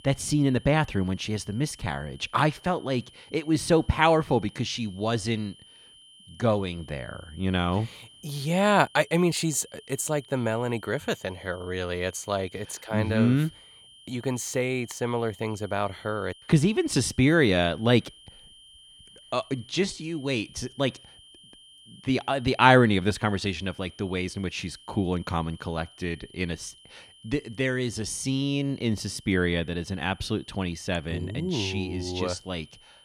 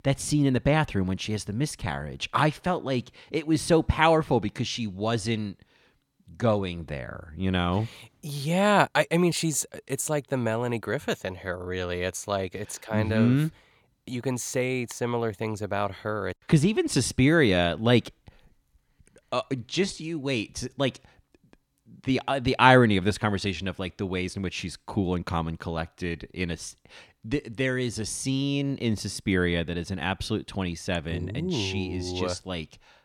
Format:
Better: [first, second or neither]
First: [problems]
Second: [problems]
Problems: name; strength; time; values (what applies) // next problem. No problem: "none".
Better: second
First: high-pitched whine; faint; throughout; 3 kHz, 25 dB below the speech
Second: none